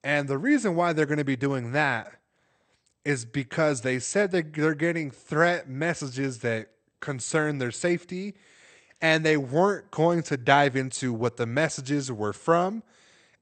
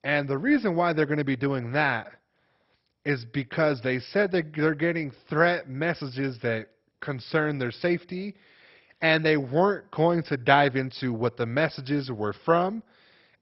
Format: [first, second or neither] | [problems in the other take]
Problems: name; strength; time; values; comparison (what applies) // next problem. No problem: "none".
first | garbled, watery; badly; nothing above 5.5 kHz; slightly in the first